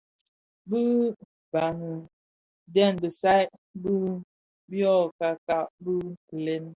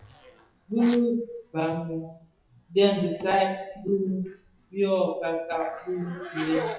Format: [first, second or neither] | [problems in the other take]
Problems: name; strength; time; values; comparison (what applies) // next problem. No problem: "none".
first | noise reduction (classical method WPE with log-MMSE)